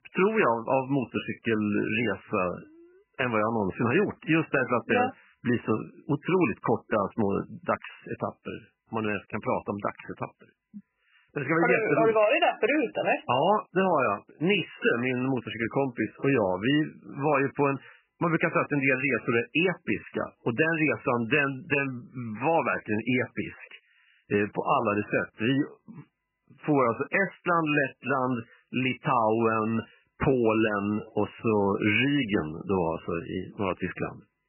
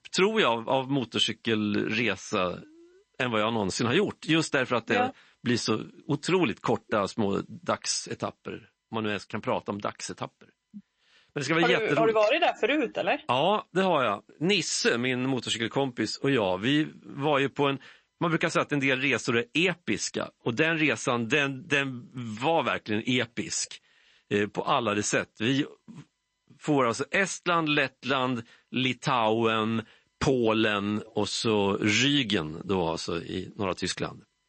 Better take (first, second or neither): second